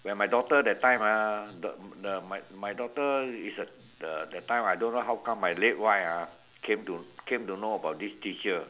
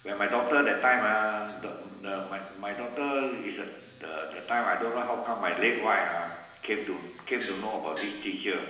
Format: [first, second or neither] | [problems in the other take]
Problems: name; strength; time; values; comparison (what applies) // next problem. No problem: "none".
first | background sound (Gong); 12 dB below the speech // room echo; dies away in 1 s